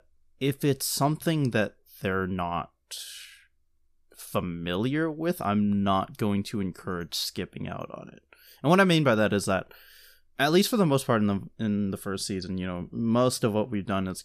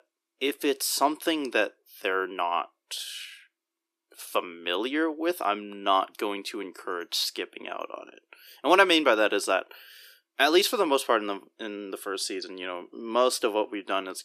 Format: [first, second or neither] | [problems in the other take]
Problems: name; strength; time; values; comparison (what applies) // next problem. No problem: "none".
first | thin; very; fading below 300 Hz